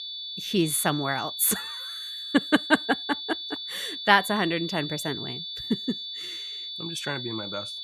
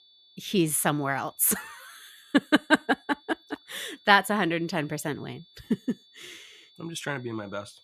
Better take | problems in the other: second | high-pitched whine; loud; throughout; 3.5 kHz, 7 dB below the speech; faint in the second

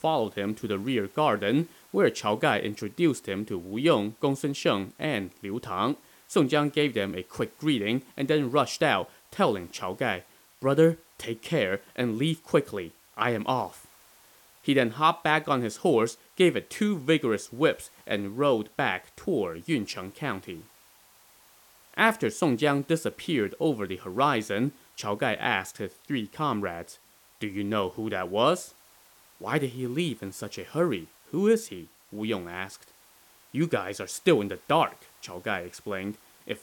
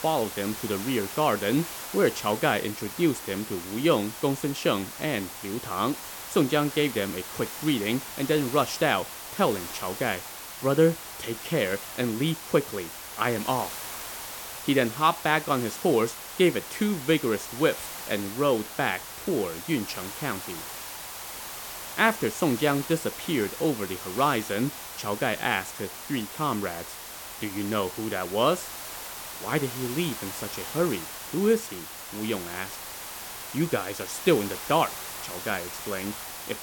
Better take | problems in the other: first | hiss; loud; throughout; 9 dB below the speech; faint in the first

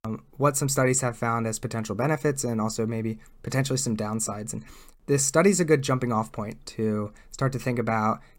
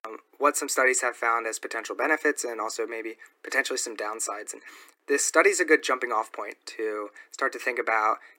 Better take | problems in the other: first | thin; very; fading below 300 Hz

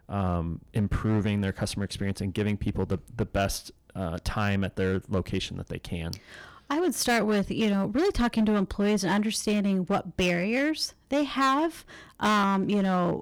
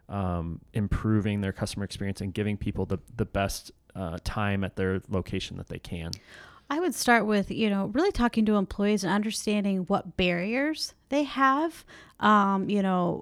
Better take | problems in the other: second | distortion; slight; 8% of the sound clipped

